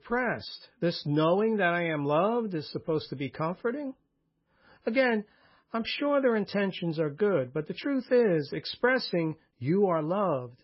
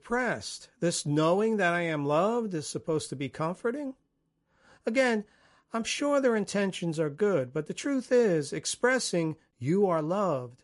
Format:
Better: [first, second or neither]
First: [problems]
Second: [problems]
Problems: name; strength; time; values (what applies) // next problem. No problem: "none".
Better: second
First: garbled, watery; badly; nothing above 5.5 kHz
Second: garbled, watery; slightly; nothing above 11 kHz